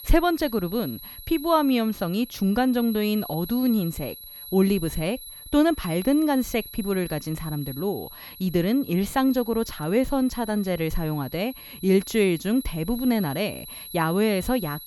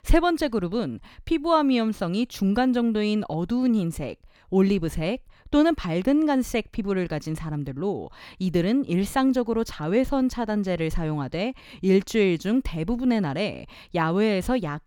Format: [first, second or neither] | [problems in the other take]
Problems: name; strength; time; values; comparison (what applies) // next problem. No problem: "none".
second | high-pitched whine; noticeable; throughout; 11.5 kHz, 15 dB below the speech